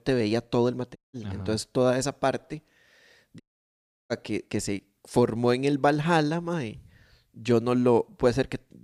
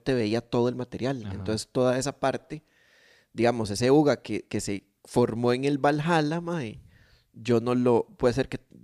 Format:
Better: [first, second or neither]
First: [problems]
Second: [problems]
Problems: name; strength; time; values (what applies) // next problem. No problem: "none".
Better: second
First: audio cutting out; at 1 s and at 3.5 s for 0.5 s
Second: none